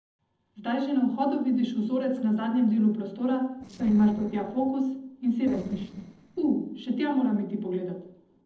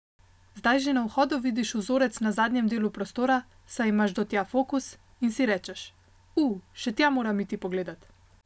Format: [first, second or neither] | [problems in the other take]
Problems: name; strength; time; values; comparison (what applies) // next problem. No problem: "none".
second | noise reduction (neural separator model SepFormer DNS4)